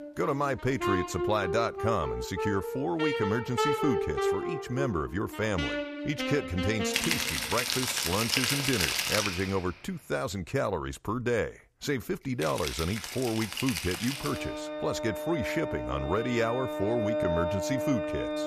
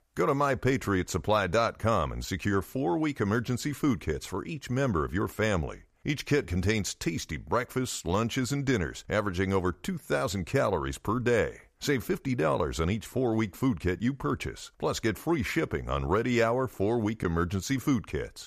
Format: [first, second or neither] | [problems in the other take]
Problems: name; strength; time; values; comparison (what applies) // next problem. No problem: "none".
second | background music; very loud; throughout; as loud as the speech